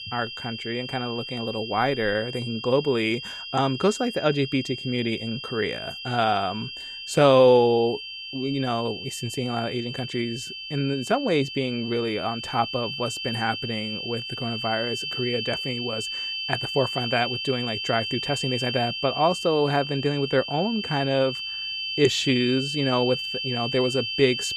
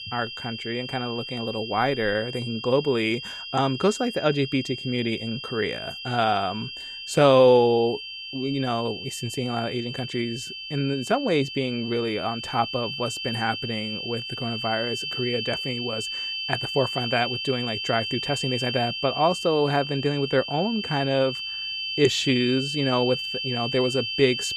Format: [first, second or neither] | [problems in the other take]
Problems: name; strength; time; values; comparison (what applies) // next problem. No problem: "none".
neither | high-pitched whine; loud; throughout; 3 kHz, 5 dB below the speech; the same in both